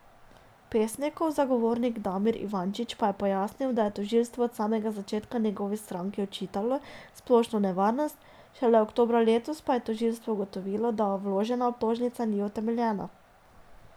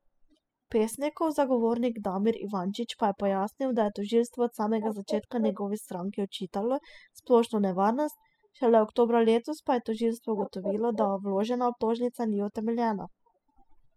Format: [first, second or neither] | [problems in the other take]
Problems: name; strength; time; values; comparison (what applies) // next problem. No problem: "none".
first | noise reduction (classical method spectral subtraction)